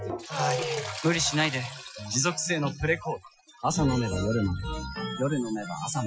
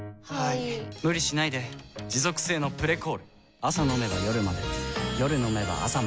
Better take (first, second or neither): second